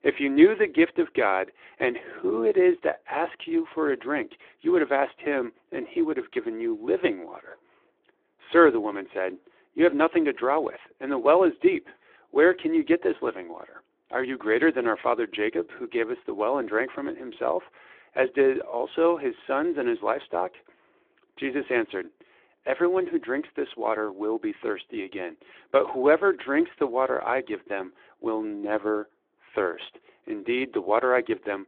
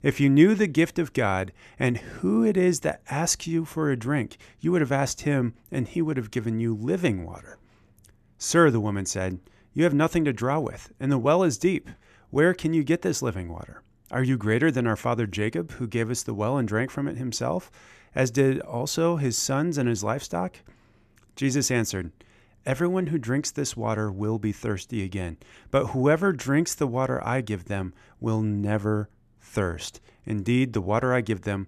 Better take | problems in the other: second | phone-call audio

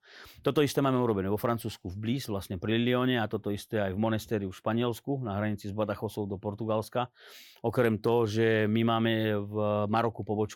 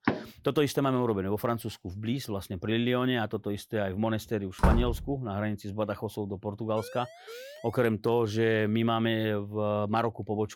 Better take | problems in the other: first | door banging; noticeable; at the start; peak 2 dB below the speech // door banging; loud; at 4.5 s; peak 3 dB above the speech // siren; faint; from 7 to 8 s; peak 15 dB below the speech

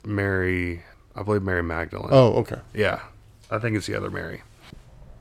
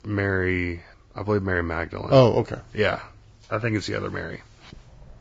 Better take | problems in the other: first | garbled, watery; badly; nothing above 7.5 kHz

